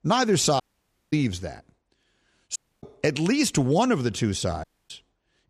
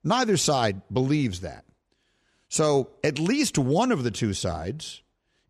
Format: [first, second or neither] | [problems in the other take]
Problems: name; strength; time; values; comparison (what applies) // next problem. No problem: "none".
second | audio cutting out; at 0.5 s for 0.5 s, at 2.5 s and at 4.5 s